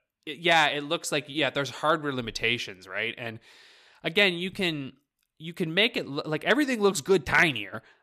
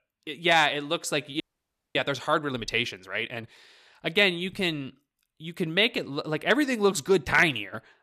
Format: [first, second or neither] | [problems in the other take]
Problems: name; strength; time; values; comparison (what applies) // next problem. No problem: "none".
first | audio freezing; at 1.5 s for 0.5 s